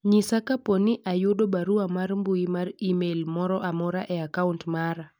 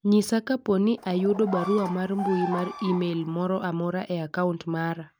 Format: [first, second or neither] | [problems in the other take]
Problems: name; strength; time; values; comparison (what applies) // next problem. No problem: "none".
first | background sound (Bird vocalization, bird call, bird song); 10 dB below the speech